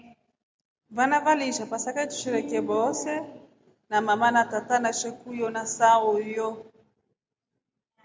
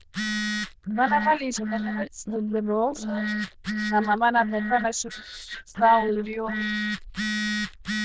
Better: first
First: none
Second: noise reduction (neural diffusion model UNIVERSE++)

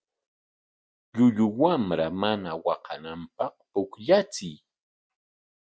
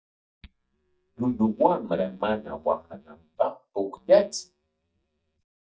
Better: first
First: none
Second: noise reduction (neural mask model DeepFilterNet 3)

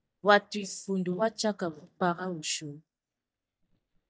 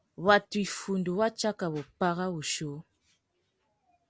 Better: second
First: noise reduction (neural mask model DeepFilterNet 3)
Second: none

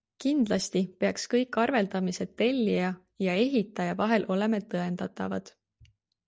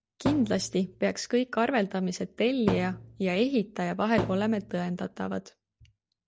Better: first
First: none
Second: background sound (Thump, thud); 9 dB below the speech

